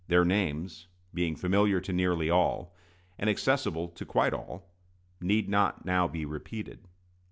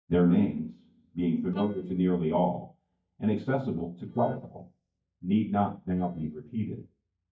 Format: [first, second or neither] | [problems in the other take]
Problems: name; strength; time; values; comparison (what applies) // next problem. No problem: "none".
first | noise reduction (neural mask model DeepFilterNet 3)